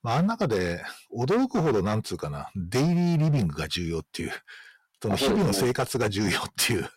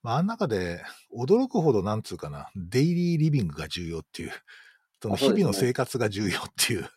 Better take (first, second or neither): second